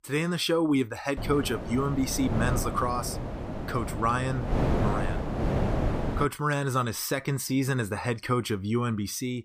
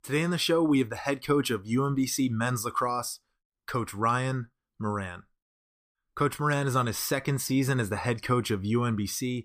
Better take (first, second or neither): second